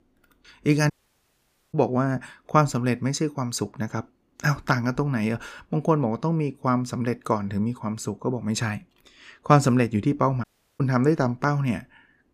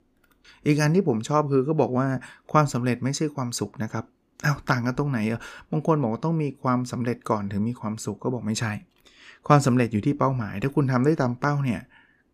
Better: second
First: audio cutting out; at 1 s for 1 s and at 10 s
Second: none

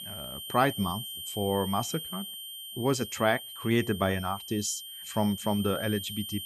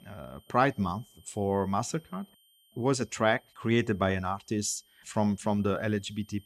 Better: second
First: high-pitched whine; loud; throughout; 3 kHz, 8 dB below the speech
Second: high-pitched whine; faint; throughout; 3 kHz, 30 dB below the speech

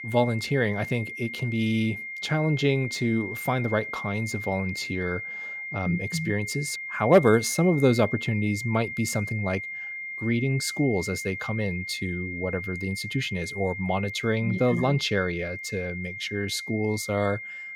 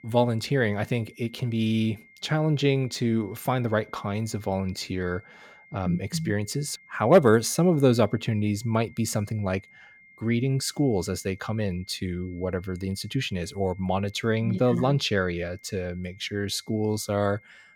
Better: second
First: high-pitched whine; loud; throughout; 2 kHz, 7 dB below the speech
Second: high-pitched whine; faint; throughout; 2 kHz, 25 dB below the speech

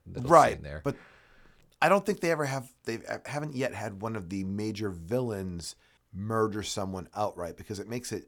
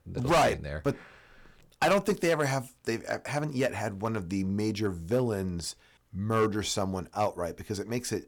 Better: first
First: none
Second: distortion; heavy; 3% of the sound clipped

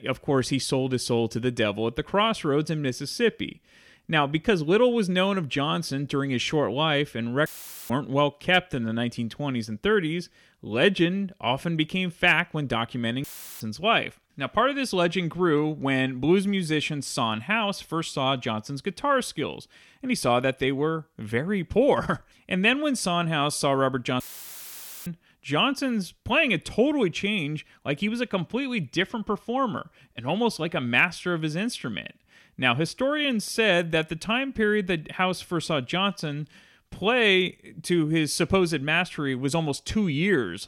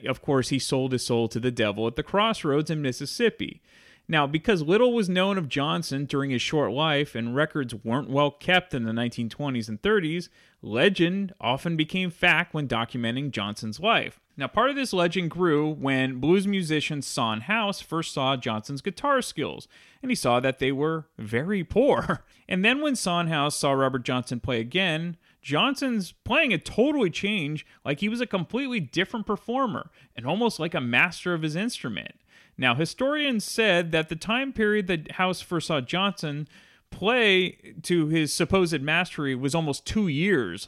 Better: second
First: audio cutting out; filled with static; at 7.5 s, at 13 s and at 24 s for 1 s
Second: none

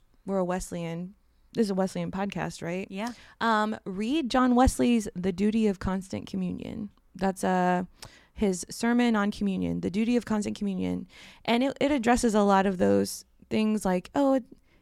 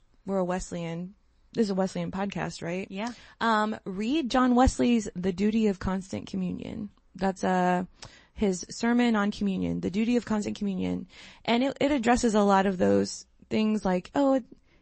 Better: first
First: none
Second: garbled, watery; slightly; nothing above 8 kHz

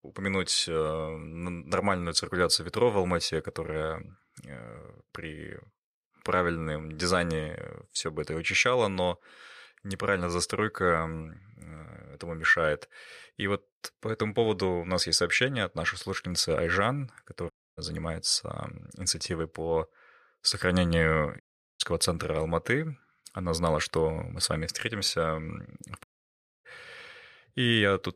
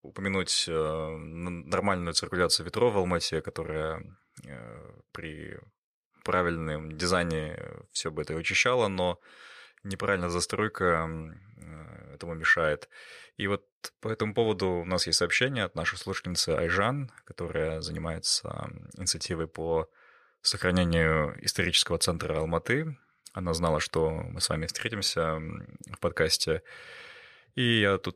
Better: second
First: audio cutting out; at 18 s, at 21 s and at 26 s for 0.5 s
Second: none

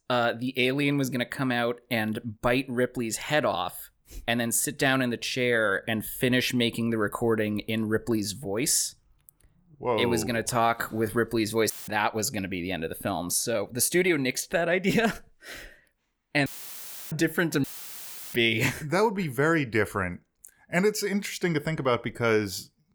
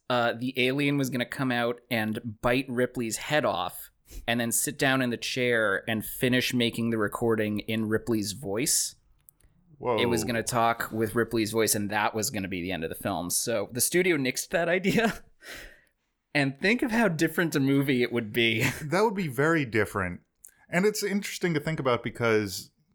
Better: second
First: audio cutting out; filled with static; at 12 s, at 16 s for 0.5 s and at 18 s for 0.5 s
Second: none

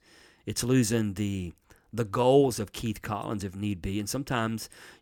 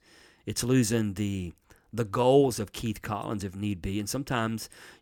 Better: neither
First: none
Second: none

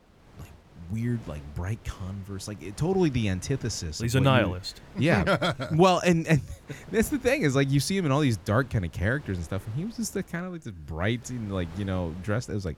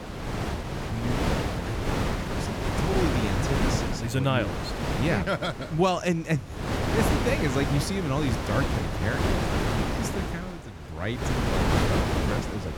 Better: first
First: wind noise on the microphone; occasional gusts; 25 dB below the speech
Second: wind noise on the microphone; heavy; 1 dB above the speech

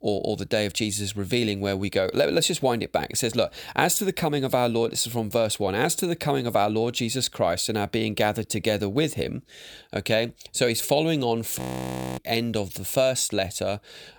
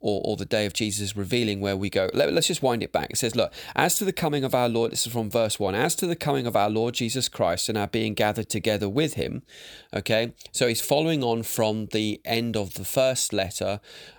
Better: second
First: audio freezing; at 12 s for 0.5 s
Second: none

